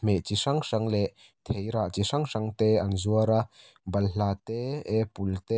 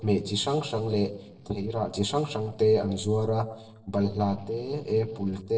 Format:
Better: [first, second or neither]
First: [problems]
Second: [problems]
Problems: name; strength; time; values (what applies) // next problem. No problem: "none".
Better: first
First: none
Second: noise reduction (neural separator model SepFormer DNS4)